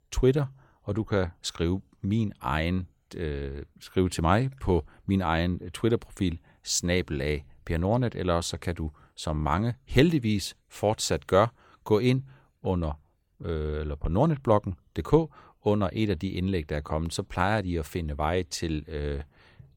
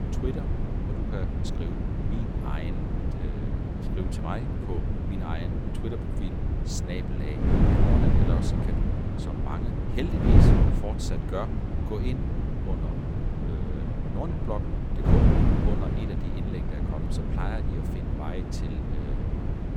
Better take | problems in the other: first | wind noise on the microphone; heavy; 4 dB above the speech

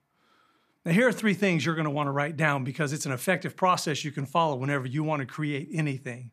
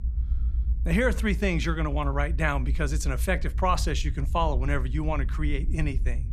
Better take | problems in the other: first | low rumble; faint; throughout; 20 dB below the speech

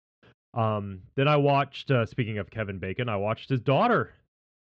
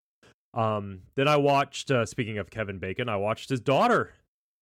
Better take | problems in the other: second | muffled; slightly; fading above 4 kHz

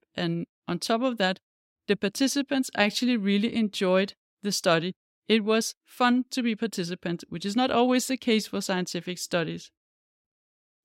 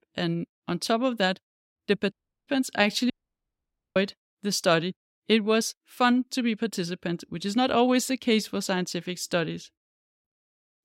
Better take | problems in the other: first | audio cutting out; at 2 s and at 3 s for 1 s

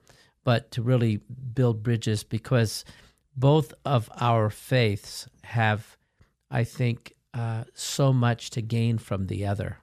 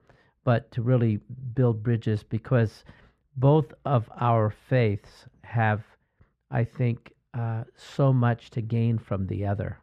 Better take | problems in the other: first | muffled; very; fading above 3.5 kHz

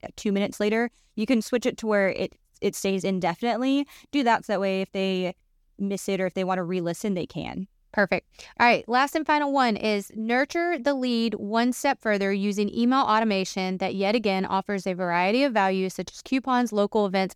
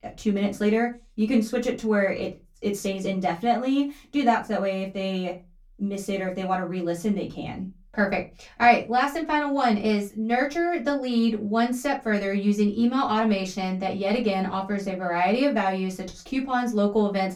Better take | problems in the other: first | off-mic speech; far // room echo; very slight; dies away in 0.2 s

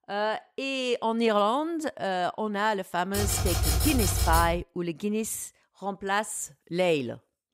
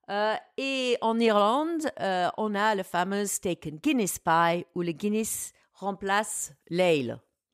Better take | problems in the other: second | keyboard typing; loud; from 3 to 4.5 s; peak 3 dB above the speech

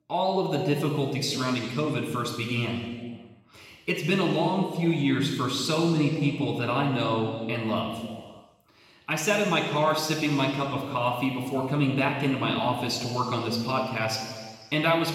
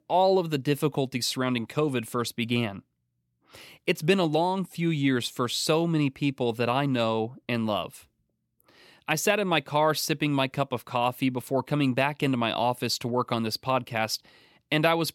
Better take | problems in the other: second | room echo; noticeable; dies away in 1.6 s // off-mic speech; somewhat distant

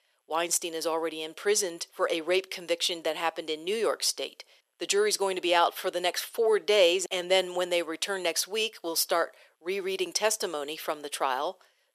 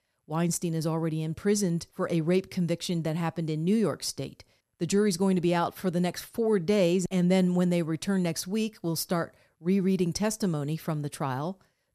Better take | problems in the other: second | thin; very; fading below 450 Hz

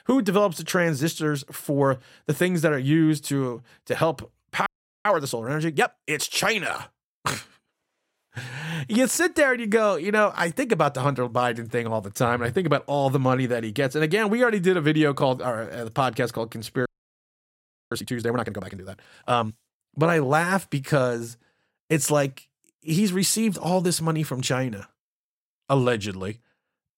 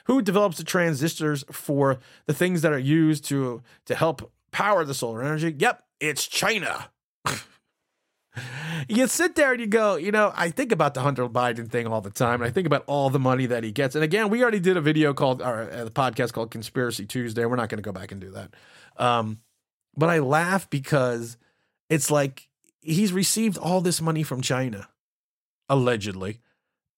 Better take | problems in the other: second | audio freezing; at 4.5 s and at 17 s for 1 s

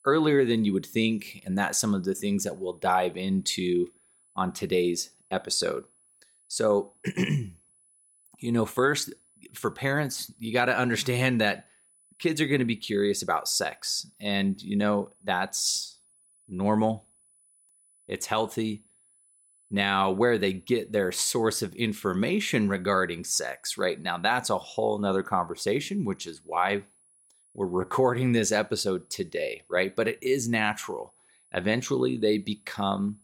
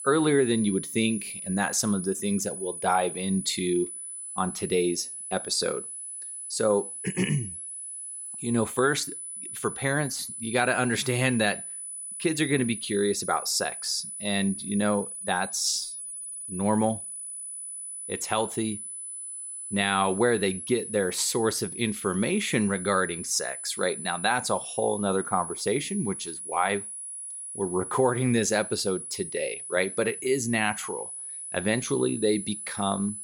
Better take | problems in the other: first | high-pitched whine; loud; throughout; 10 kHz, 7 dB below the speech; faint in the first

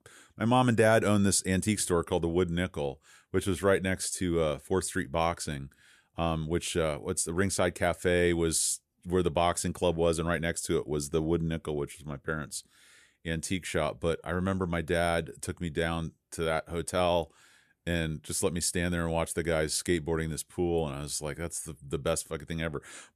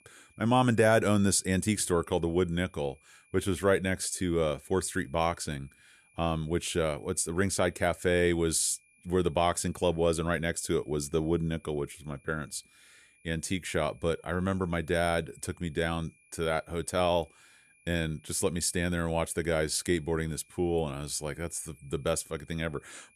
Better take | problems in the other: first | high-pitched whine; faint; throughout; 2.5 kHz, 30 dB below the speech

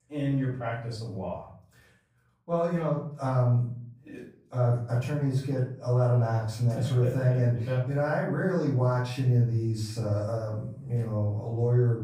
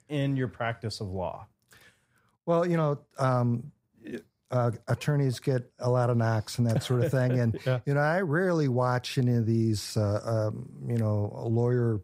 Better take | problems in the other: second | room echo; noticeable; dies away in 0.4 s // off-mic speech; far

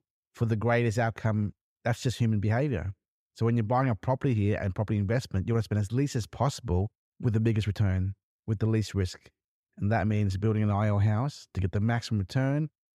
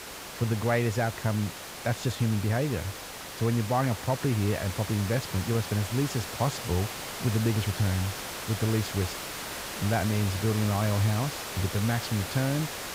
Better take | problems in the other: first | hiss; loud; throughout; 7 dB below the speech

